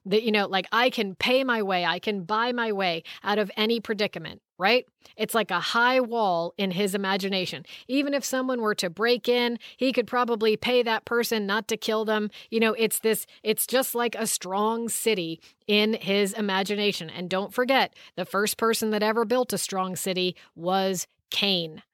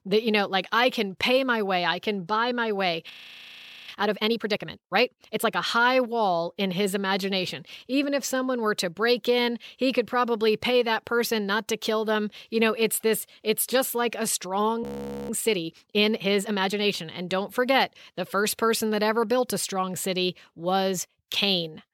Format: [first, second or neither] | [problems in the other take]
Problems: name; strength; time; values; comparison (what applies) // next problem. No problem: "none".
first | audio freezing; at 3 s for 1 s and at 15 s